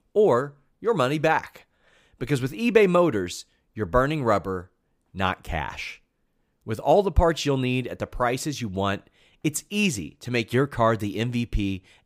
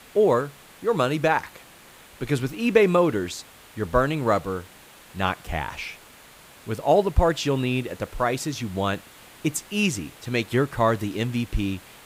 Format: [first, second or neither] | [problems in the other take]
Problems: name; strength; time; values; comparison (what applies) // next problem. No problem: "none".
first | hiss; faint; throughout; 20 dB below the speech